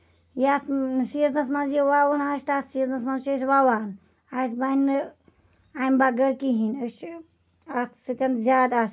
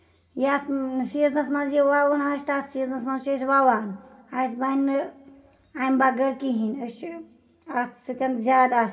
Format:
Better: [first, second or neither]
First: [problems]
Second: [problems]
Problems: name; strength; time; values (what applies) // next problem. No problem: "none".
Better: first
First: none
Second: room echo; dies away in 1.4 s